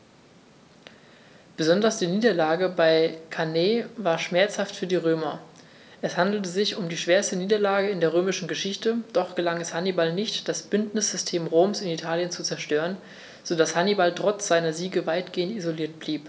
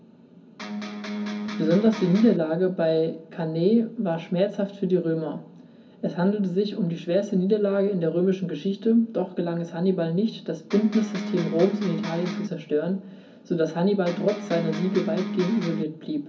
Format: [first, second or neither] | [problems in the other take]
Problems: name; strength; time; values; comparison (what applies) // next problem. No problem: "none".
first | background sound (Electric guitar); 6 dB below the speech // room echo; dies away in 0.4 s